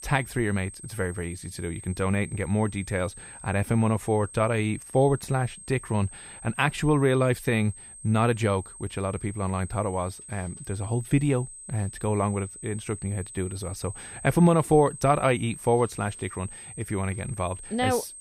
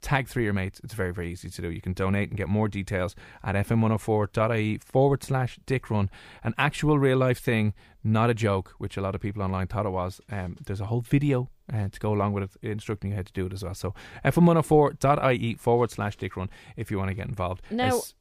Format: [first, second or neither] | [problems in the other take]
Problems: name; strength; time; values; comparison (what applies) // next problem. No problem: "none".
second | high-pitched whine; noticeable; throughout; 8.5 kHz, 15 dB below the speech